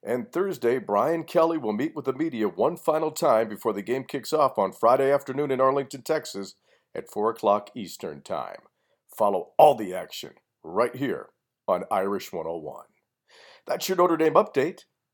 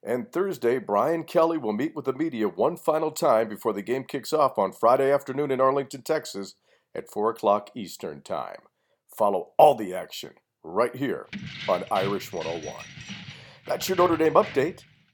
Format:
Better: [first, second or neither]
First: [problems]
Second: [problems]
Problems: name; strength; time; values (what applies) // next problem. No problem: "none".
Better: first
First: none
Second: jangling keys; faint; from 11 s on; peak 10 dB below the speech